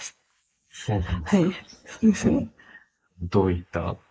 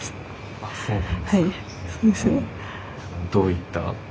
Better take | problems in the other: second | noise reduction (neural mask model Resemble Enhance denoiser)

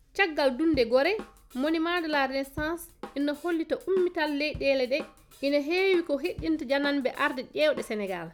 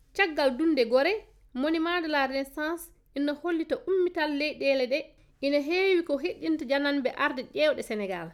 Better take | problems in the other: second | background sound (Drum / Drum kit); 19 dB below the speech

